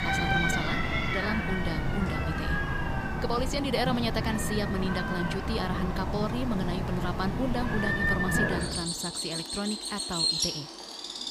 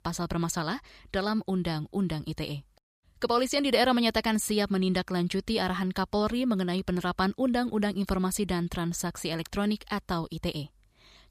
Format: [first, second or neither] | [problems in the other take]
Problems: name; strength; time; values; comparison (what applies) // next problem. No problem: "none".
second | animal sounds; very loud; throughout; 3 dB above the speech